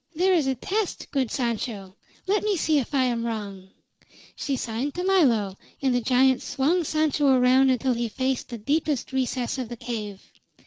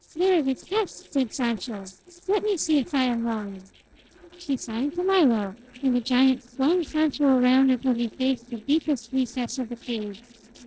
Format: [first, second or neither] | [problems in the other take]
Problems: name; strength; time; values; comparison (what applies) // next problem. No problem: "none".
first | noise reduction (neural separator model SepFormer DNS4)